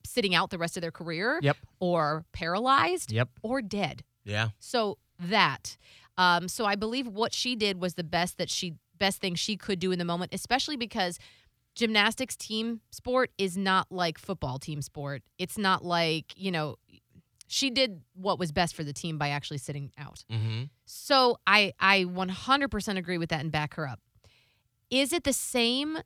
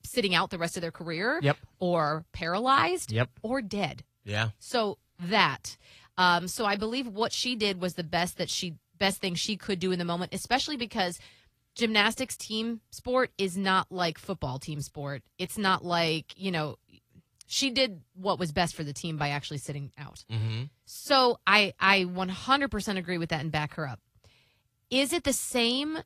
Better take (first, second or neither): first